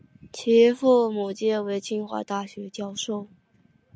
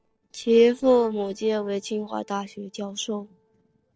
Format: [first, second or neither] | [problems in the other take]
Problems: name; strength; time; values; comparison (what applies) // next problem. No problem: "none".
first | noise reduction (neural separator model SepFormer DNS4)